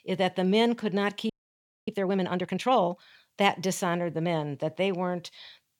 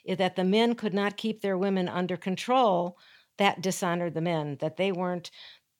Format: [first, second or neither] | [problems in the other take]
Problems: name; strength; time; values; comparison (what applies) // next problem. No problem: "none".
second | audio freezing; at 1.5 s for 0.5 s